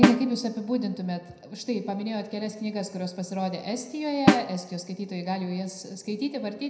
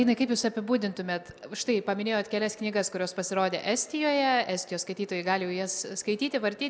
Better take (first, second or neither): second